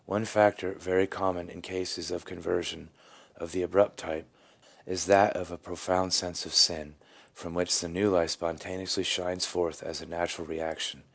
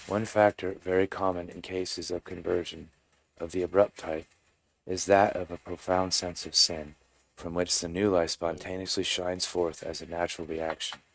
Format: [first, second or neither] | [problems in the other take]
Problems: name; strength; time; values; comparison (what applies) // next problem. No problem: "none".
first | noise reduction (neural mask model RNNoise)